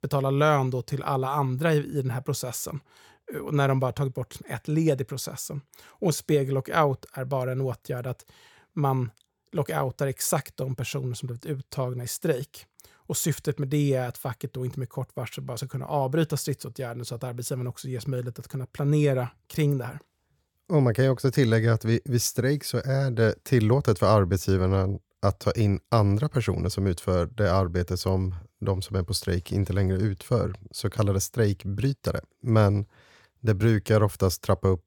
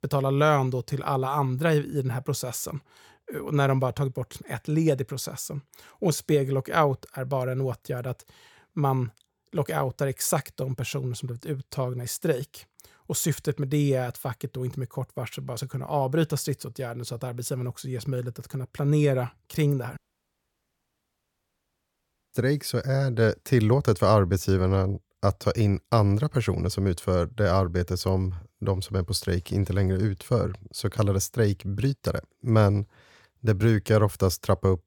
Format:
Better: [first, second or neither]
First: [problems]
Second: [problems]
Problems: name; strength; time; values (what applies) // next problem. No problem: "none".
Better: first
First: none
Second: audio cutting out; at 20 s for 2.5 s